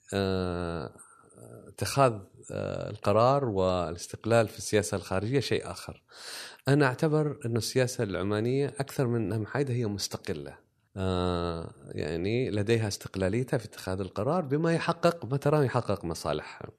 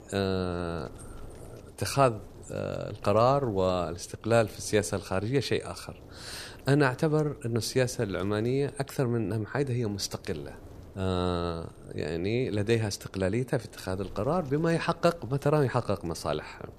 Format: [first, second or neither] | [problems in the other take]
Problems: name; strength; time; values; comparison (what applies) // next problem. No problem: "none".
first | wind noise on the microphone; occasional gusts; 25 dB below the speech